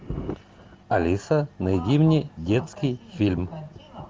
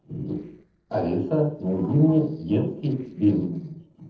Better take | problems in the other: first | noise reduction (neural separator model SepFormer DNS4)

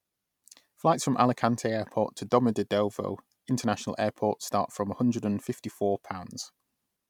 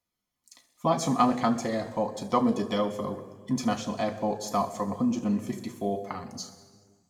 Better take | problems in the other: first | room echo; dies away in 1.3 s

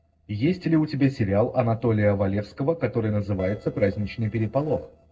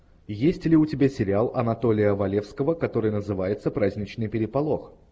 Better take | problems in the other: second | noise reduction (neural separator model SepFormer DNS4)

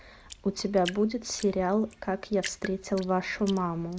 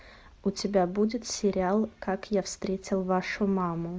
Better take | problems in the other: second | background sound (Drip); 16 dB below the speech

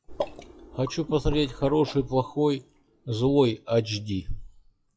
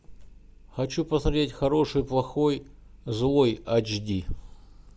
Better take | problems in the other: second | noise reduction (classical method WPE with log-MMSE)

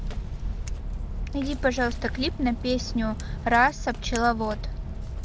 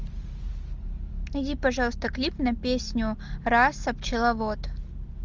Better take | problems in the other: second | background sound (Walk, footsteps + Scissors); 11 dB below the speech

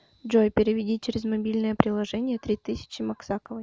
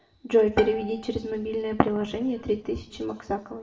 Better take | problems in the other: first | background sound (Bowed string instrument); 15 dB below the speech // room echo; dies away in 1 s

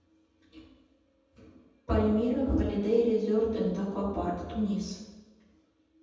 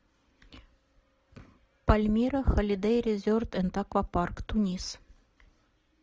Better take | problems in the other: second | room echo; dies away in 1.1 s

